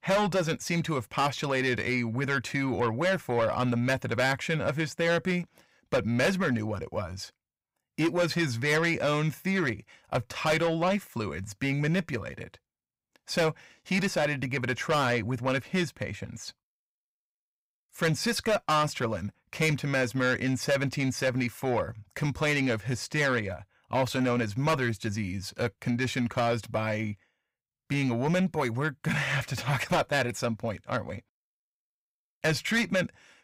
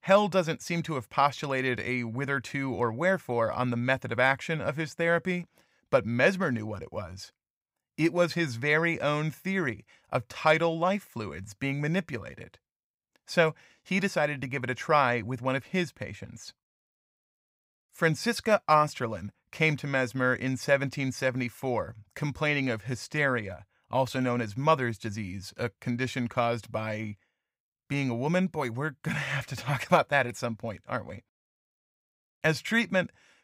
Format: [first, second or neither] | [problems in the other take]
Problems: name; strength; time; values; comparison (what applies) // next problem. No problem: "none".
second | distortion; heavy; 7 dB below the speech